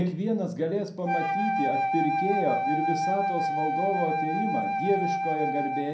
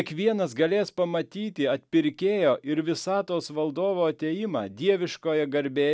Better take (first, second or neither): second